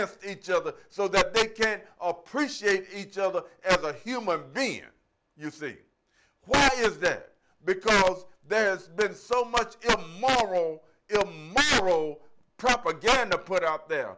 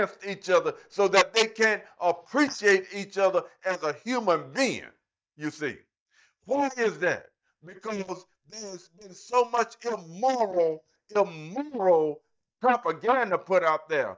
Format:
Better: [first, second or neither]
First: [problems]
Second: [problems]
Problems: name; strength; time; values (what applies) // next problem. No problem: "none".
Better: first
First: none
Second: noise reduction (neural mask model DeepFilterNet 3)